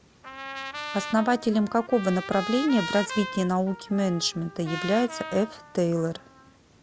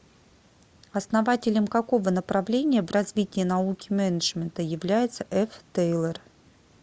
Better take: second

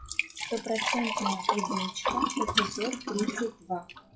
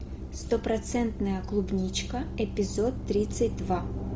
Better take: second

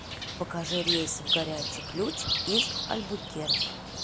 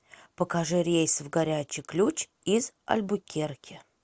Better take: second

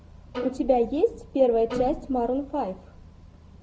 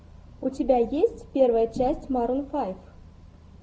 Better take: second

